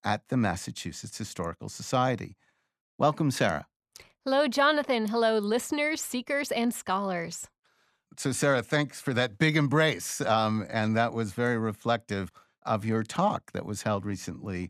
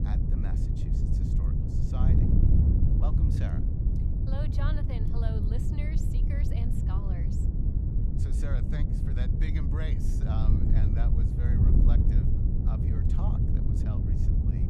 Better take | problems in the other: first | wind noise on the microphone; heavy; 4 dB above the speech

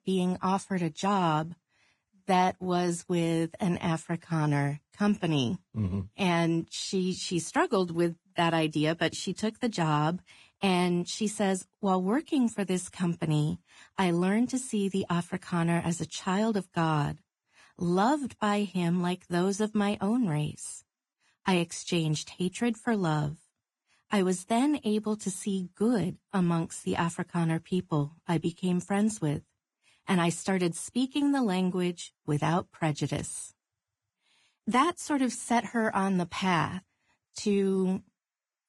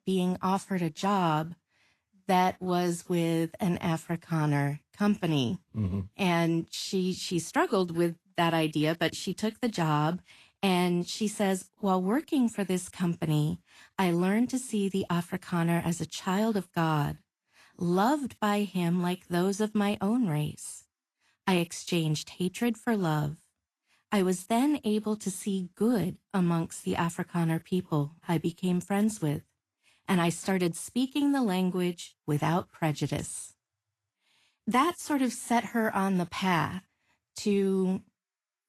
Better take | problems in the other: second | garbled, watery; badly; nothing above 10.5 kHz; slightly in the second

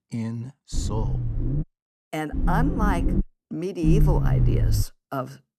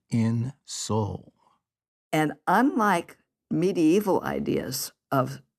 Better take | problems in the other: second | low rumble; loud; at 0.5 s, at 2.5 s and at 4 s; 5 dB below the speech

